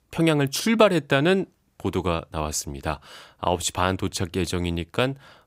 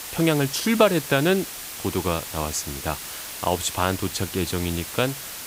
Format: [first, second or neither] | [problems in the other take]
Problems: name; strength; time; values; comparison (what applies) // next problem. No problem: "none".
first | hiss; loud; throughout; 8 dB below the speech